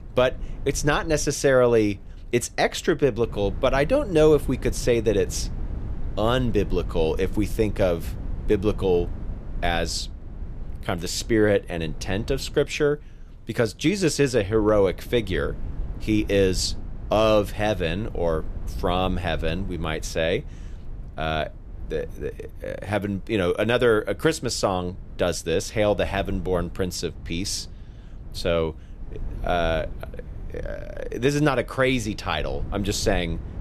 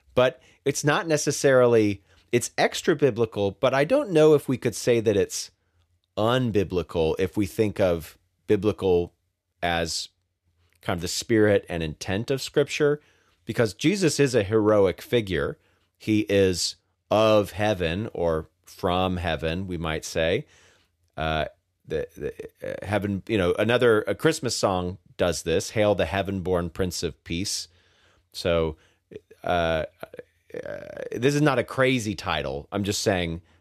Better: second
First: wind noise on the microphone; occasional gusts; 25 dB below the speech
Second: none

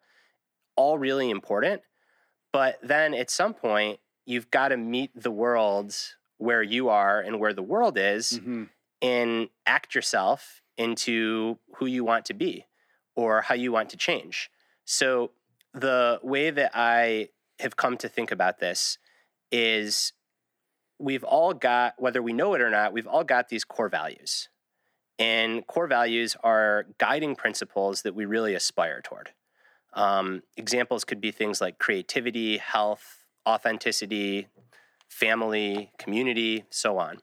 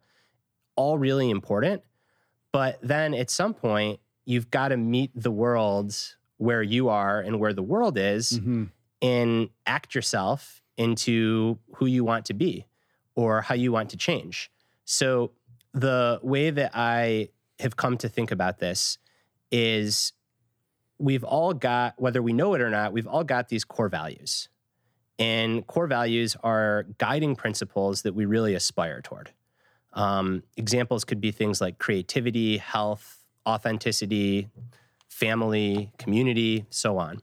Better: second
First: thin; somewhat; fading below 250 Hz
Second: none

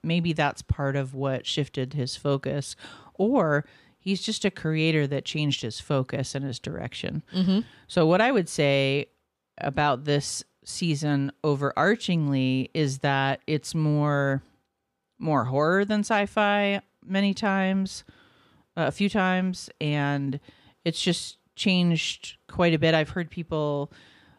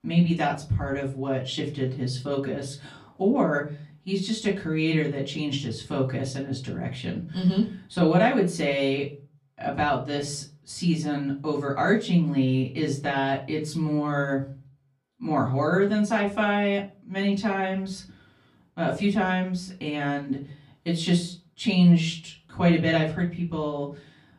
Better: first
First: none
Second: off-mic speech; far // room echo; very slight; dies away in 0.3 s

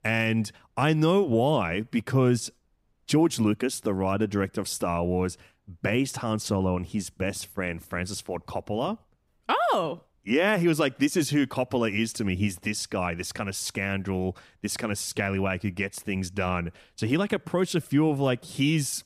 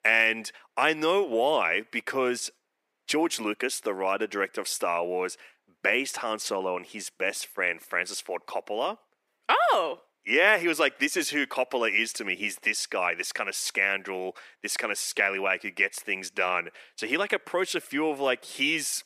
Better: first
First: none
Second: thin; very; fading below 400 Hz

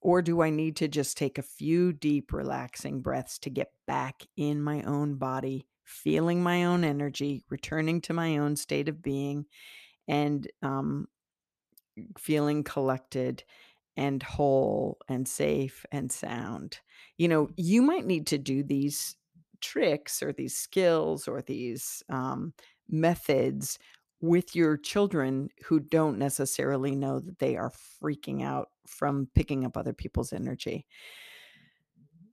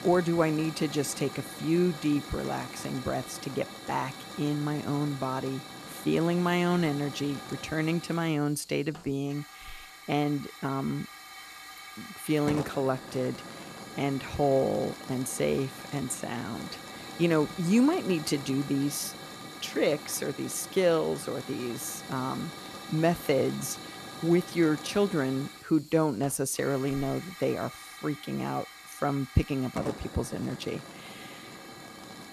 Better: first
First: none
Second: hiss; noticeable; throughout; 10 dB below the speech

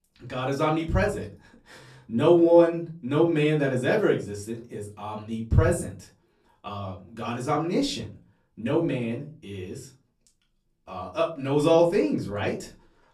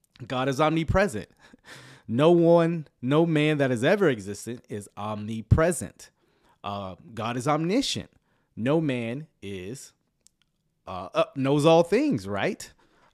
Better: second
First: off-mic speech; far // room echo; very slight; dies away in 0.3 s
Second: none

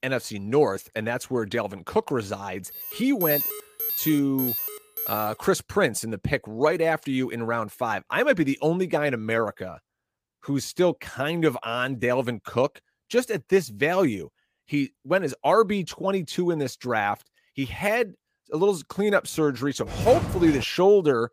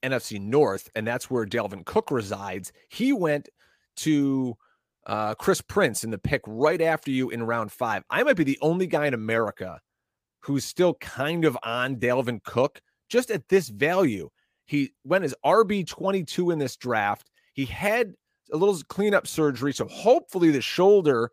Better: second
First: alarm; loud; from 2.5 to 5.5 s; peak 1 dB above the speech // footsteps; noticeable; at 20 s; peak 4 dB below the speech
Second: none

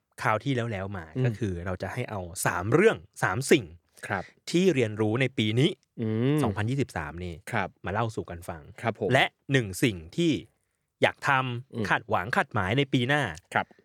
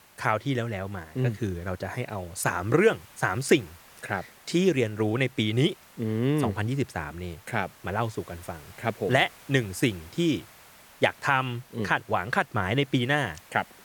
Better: first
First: none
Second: hiss; faint; throughout; 25 dB below the speech

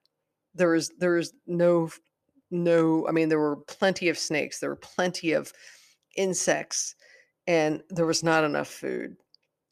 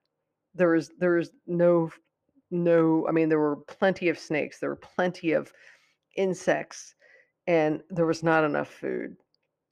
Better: first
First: none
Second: muffled; slightly; fading above 3.5 kHz

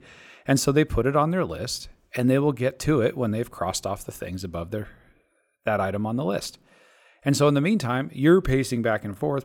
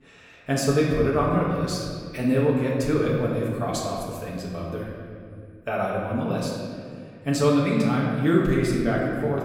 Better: first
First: none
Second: off-mic speech; far // room echo; noticeable; dies away in 2 s

